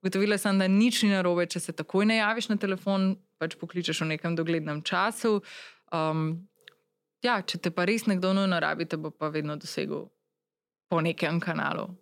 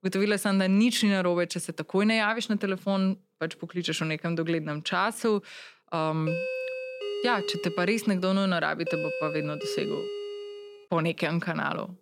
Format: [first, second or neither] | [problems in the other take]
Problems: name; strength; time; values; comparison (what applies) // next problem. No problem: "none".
first | doorbell; noticeable; from 6.5 to 11 s; peak 4 dB below the speech